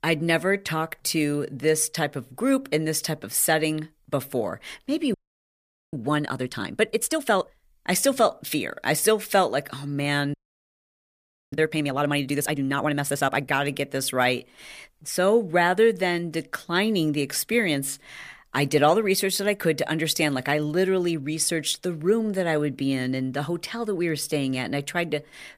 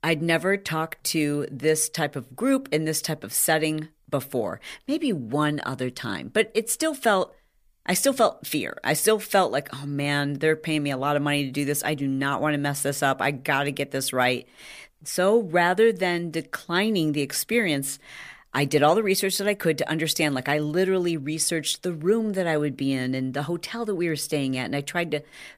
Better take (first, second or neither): second